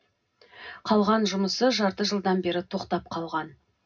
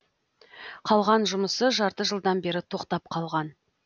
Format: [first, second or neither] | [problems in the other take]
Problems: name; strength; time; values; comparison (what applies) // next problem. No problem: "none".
second | room echo; dies away in 0.4 s